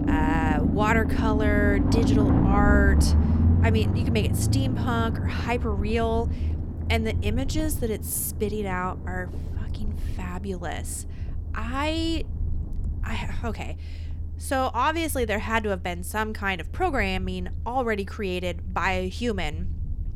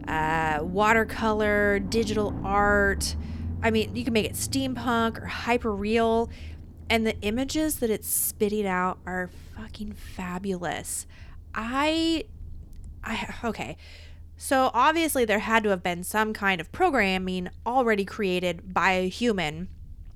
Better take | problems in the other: second | low rumble; loud; throughout; 6 dB below the speech; faint in the second

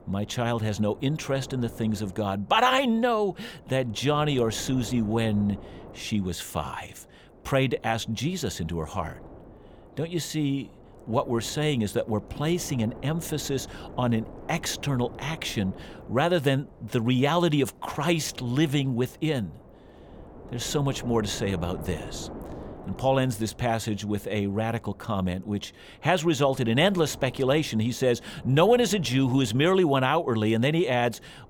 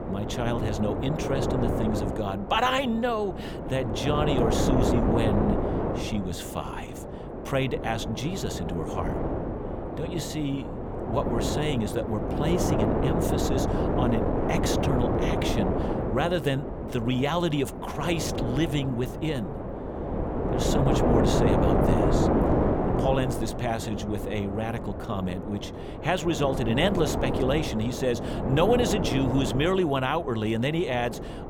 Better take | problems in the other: first | wind noise on the microphone; heavy; 1 dB below the speech; occasional gusts in the first

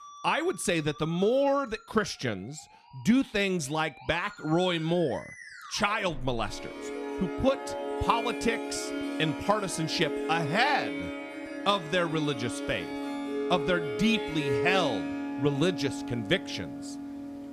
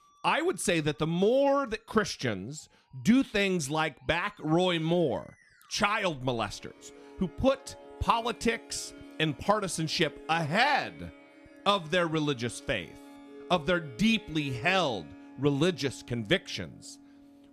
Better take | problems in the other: second | background music; loud; throughout; 6 dB below the speech; faint in the second

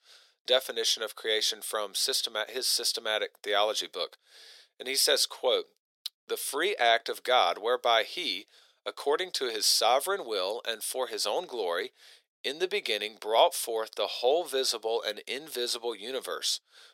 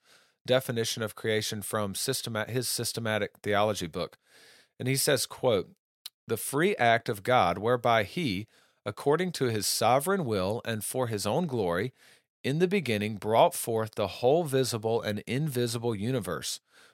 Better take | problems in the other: second | thin; very; fading below 400 Hz

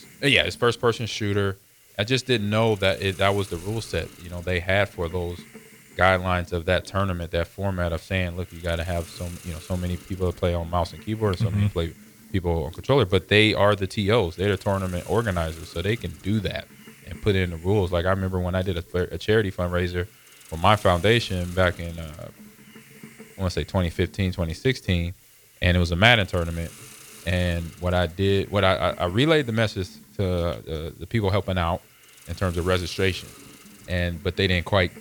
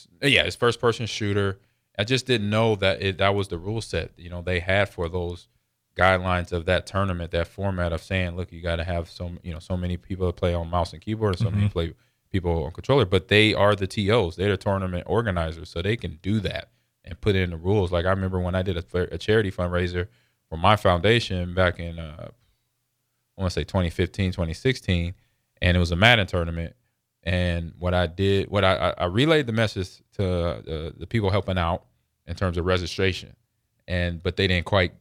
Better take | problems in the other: second | hiss; faint; throughout; 20 dB below the speech

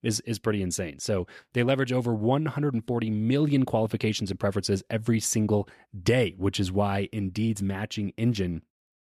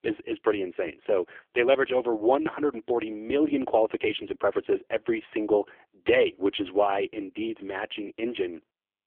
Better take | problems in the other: first | phone-call audio; poor line; nothing above 3.5 kHz

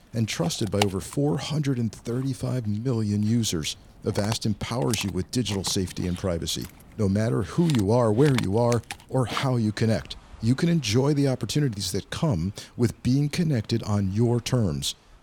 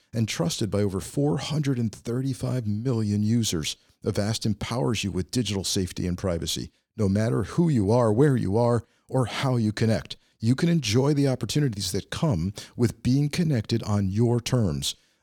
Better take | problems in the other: second | animal sounds; noticeable; throughout; 10 dB below the speech

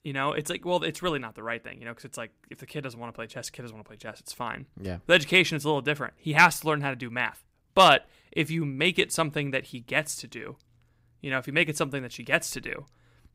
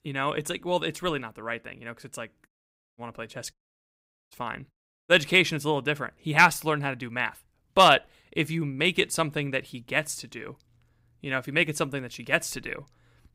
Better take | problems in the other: first | audio cutting out; at 2.5 s, at 3.5 s for 1 s and at 4.5 s

